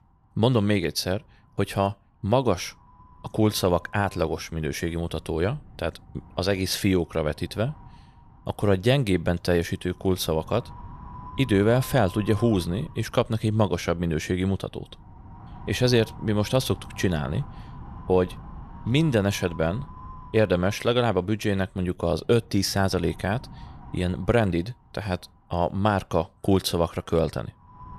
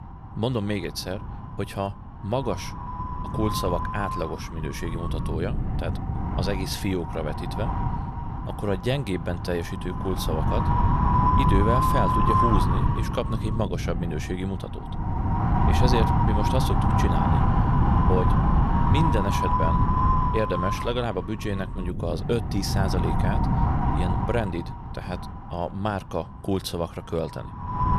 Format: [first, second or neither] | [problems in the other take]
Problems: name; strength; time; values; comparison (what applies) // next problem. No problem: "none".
first | wind noise on the microphone; heavy; 5 dB above the speech; occasional gusts in the first